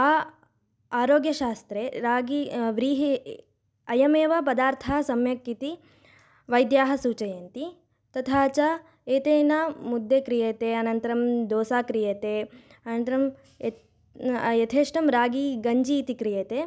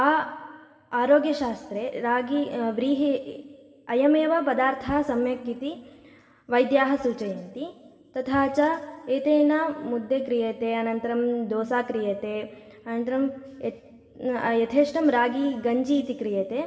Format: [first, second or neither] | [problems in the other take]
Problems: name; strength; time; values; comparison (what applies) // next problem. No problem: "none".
first | room echo; dies away in 1.8 s